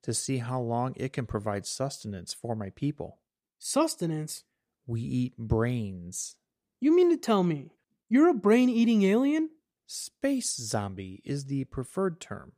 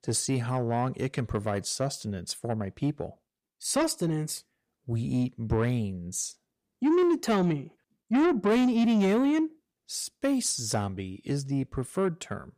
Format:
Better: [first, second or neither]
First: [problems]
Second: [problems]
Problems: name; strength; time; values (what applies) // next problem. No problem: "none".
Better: first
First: none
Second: distortion; slight; 10 dB below the speech